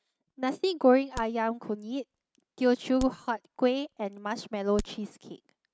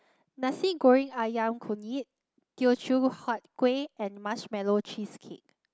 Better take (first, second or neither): second